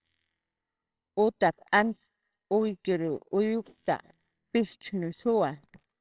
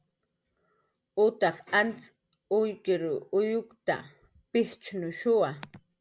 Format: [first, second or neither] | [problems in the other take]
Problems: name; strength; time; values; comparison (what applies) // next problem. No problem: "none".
second | noise reduction (neural separator model SepFormer WHAMR!)